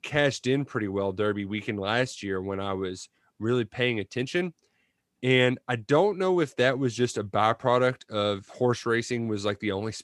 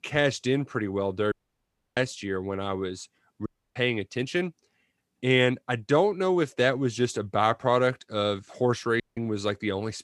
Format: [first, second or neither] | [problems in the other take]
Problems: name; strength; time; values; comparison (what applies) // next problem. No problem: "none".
first | audio cutting out; at 1.5 s for 0.5 s, at 3.5 s and at 9 s